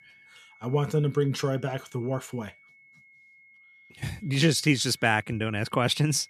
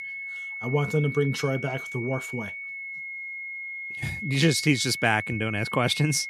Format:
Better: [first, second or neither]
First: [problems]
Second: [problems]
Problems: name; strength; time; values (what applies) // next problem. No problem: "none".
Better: first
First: high-pitched whine; faint; throughout; 2 kHz, 30 dB below the speech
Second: high-pitched whine; loud; throughout; 2 kHz, 8 dB below the speech